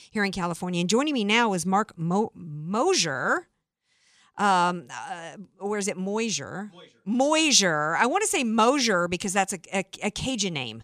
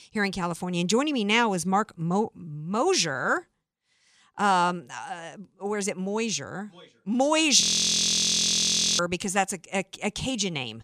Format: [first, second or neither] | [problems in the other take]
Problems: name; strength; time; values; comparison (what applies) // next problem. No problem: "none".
first | audio freezing; at 7.5 s for 1.5 s